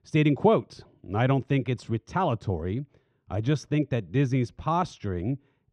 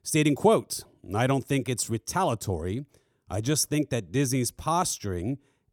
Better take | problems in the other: second | muffled; very; fading above 3.5 kHz

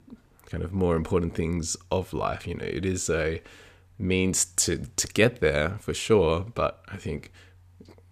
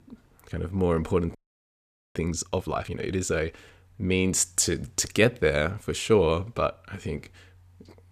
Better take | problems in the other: first | audio freezing; at 1.5 s for 1 s

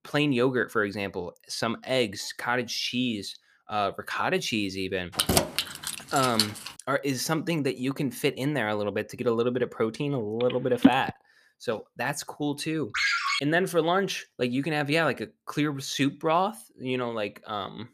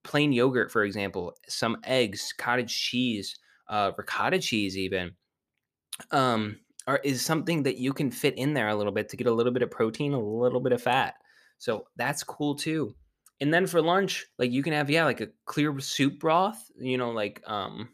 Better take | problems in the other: second | jangling keys; loud; from 5 to 6.5 s; peak 4 dB above the speech // phone ringing; loud; at 11 s and at 13 s; peak 4 dB above the speech

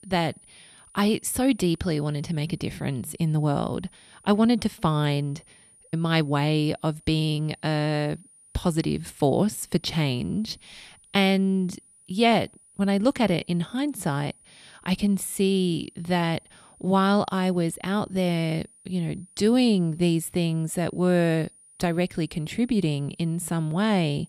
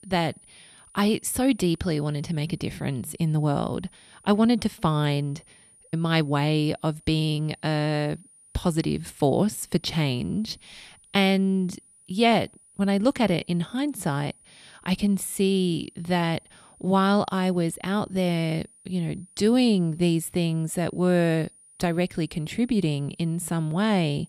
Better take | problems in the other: neither | high-pitched whine; faint; throughout; 9.5 kHz, 25 dB below the speech; the same in both

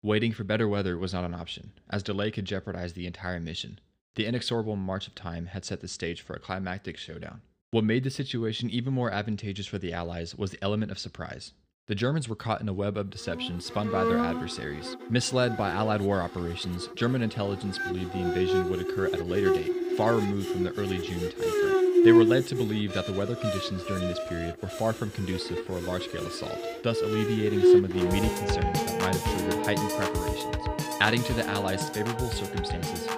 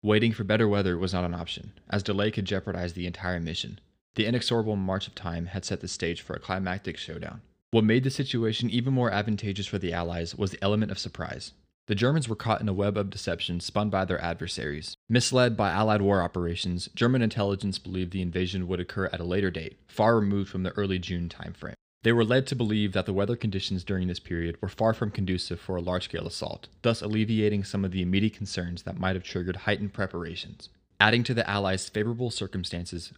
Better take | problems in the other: second | background music; very loud; from 14 s on; 3 dB above the speech

